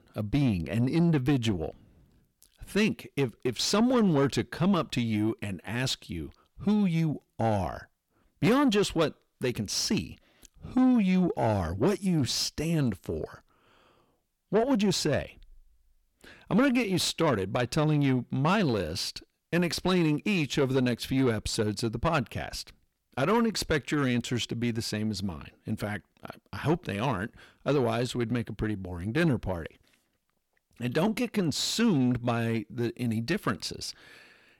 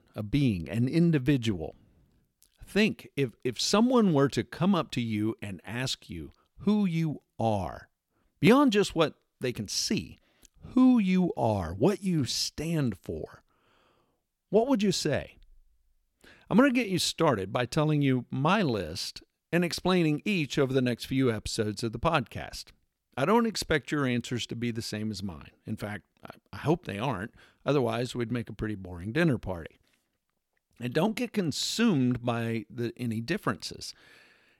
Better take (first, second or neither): second